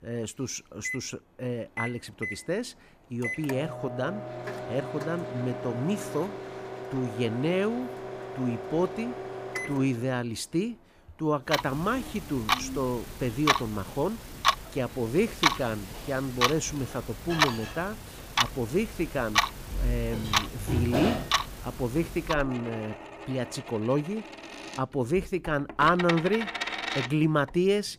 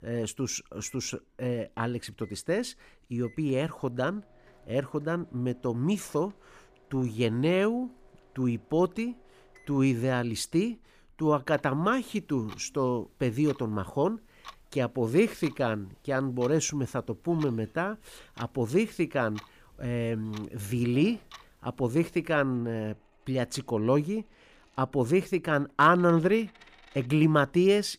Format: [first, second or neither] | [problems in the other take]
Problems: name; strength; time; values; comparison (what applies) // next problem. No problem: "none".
second | household noises; loud; throughout; 2 dB below the speech; faint in the second